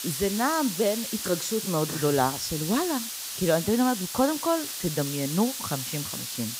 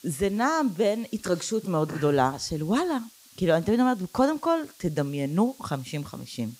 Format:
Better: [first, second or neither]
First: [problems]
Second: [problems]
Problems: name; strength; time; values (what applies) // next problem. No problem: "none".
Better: second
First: hiss; loud; throughout; 4 dB below the speech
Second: hiss; faint; throughout; 25 dB below the speech